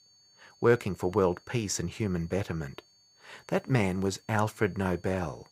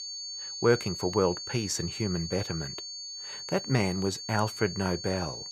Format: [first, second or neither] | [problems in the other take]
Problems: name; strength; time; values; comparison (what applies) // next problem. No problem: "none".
first | high-pitched whine; loud; throughout; 4.5 kHz, 7 dB below the speech; faint in the first